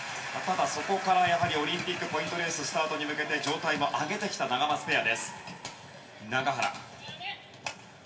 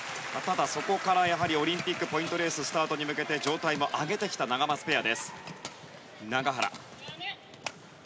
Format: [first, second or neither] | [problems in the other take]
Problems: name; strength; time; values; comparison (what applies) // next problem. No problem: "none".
second | room echo; dies away in 0.8 s